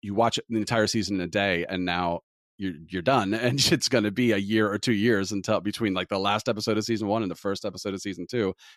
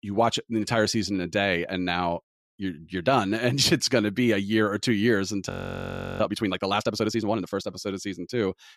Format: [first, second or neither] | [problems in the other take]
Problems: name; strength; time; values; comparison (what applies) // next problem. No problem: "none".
first | audio freezing; at 5.5 s for 0.5 s